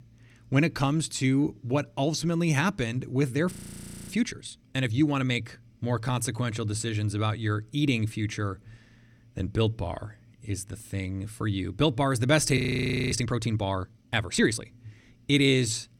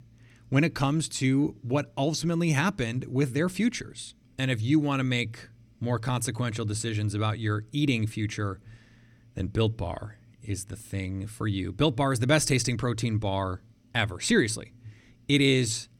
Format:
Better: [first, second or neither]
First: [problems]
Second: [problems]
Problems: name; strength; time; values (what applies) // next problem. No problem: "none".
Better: second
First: audio freezing; at 3.5 s for 0.5 s and at 13 s for 0.5 s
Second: none